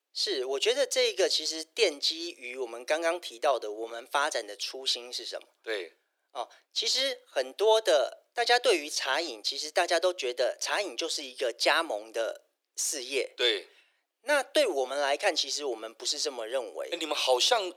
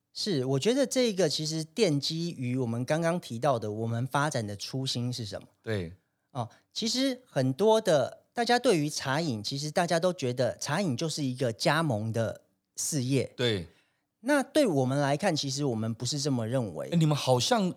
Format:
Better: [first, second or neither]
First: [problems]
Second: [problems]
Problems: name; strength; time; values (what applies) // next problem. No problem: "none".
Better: second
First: thin; very; fading below 350 Hz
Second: none